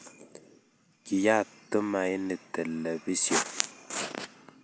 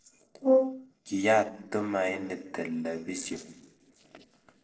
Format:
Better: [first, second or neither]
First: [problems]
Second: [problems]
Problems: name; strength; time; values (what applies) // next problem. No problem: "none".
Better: first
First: none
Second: noise reduction (neural separator model SepFormer DNS4)